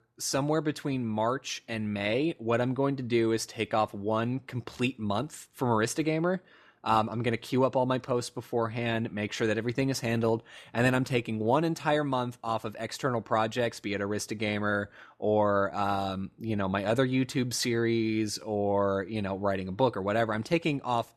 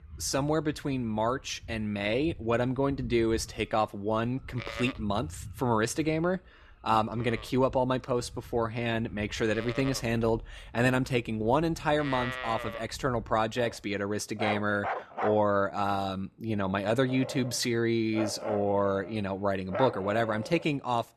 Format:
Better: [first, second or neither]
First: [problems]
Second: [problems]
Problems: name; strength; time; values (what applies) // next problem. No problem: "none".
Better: first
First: none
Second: animal sounds; noticeable; throughout; 10 dB below the speech